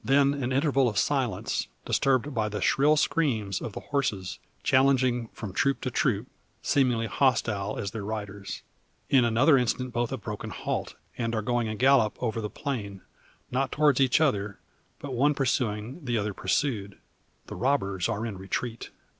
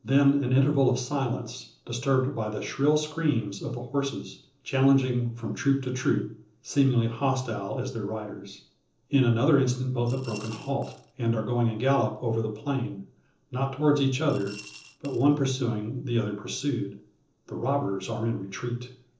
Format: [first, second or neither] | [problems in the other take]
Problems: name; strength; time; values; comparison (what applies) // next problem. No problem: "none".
first | noise reduction (neural separator model SepFormer DNS4)